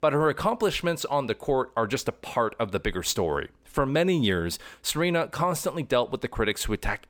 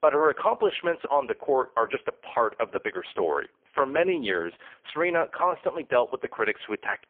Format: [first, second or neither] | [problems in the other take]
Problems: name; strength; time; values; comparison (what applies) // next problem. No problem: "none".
first | phone-call audio; poor line; nothing above 3.5 kHz